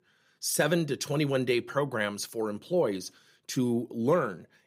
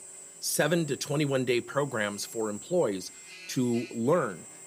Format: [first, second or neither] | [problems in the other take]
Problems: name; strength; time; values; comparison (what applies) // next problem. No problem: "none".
first | machinery noise; noticeable; throughout; 15 dB below the speech